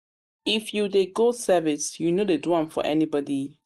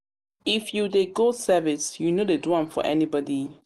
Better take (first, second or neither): second